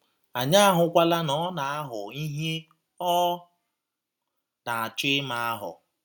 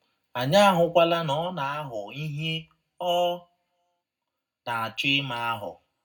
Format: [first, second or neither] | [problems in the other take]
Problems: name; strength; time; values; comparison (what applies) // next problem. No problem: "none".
first | room echo; dies away in 0.3 s